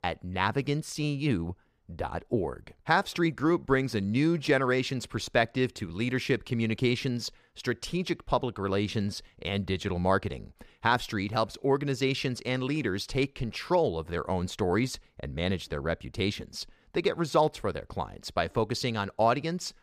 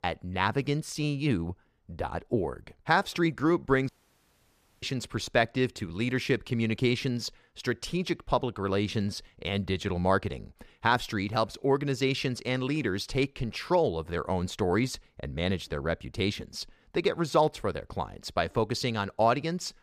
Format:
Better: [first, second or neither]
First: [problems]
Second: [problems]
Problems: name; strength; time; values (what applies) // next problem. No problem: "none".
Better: first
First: none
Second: audio cutting out; at 4 s for 1 s